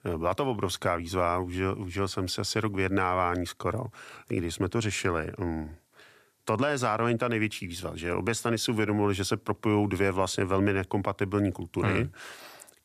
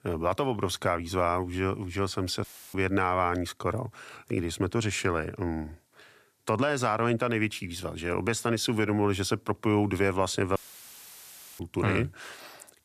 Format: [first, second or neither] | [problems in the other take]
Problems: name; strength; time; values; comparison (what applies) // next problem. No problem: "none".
first | audio cutting out; filled with static; at 2.5 s and at 11 s for 1 s